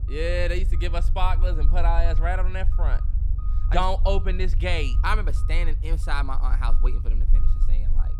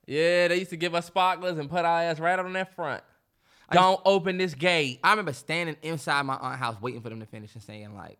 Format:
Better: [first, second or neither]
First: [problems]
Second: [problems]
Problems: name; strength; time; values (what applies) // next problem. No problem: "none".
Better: second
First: low rumble; noticeable; throughout; 15 dB below the speech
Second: none